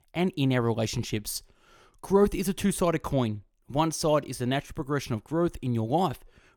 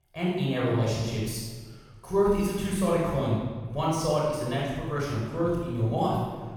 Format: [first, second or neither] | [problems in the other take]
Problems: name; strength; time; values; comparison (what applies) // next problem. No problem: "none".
first | room echo; strong; dies away in 1.3 s // off-mic speech; far